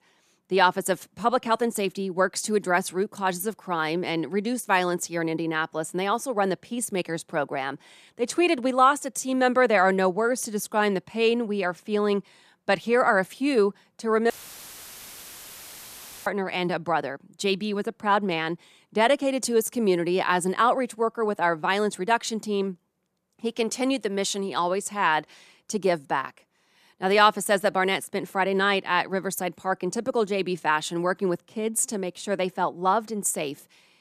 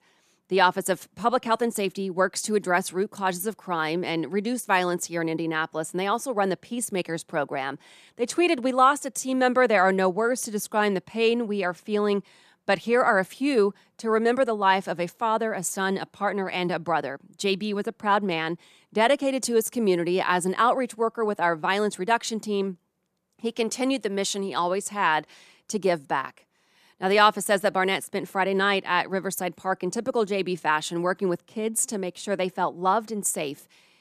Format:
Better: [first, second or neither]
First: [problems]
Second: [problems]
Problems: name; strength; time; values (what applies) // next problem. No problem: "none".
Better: second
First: audio cutting out; filled with static; at 14 s for 2 s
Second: none